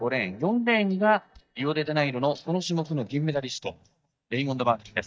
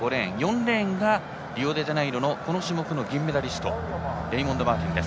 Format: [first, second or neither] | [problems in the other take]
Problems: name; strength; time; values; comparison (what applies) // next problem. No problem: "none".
second | noise reduction (neural mask model DeepFilterNet 3)